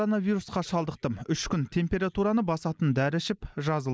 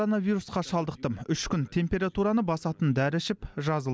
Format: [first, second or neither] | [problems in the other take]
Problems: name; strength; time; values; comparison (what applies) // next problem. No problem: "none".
second | noise reduction (neural mask model Resemble Enhance denoiser)